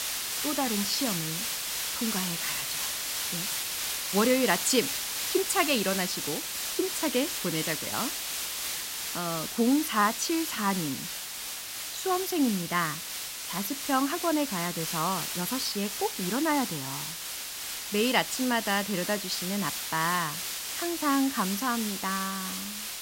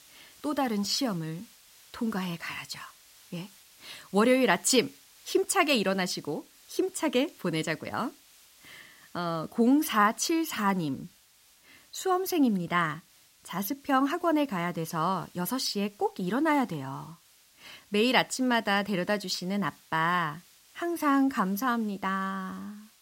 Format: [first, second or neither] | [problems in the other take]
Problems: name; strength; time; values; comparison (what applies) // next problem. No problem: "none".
second | hiss; loud; throughout; 2 dB below the speech; faint in the second